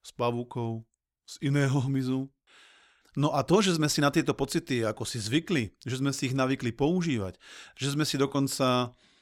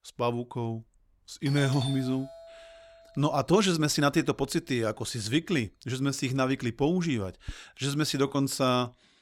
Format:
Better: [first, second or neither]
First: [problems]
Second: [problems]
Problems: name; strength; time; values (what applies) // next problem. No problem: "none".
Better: first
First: none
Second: doorbell; noticeable; from 1.5 to 7.5 s; peak 8 dB below the speech